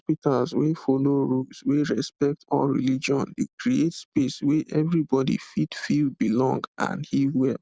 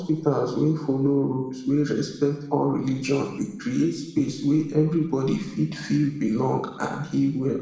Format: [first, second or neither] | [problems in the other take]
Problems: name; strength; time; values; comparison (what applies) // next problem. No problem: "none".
first | room echo; dies away in 0.8 s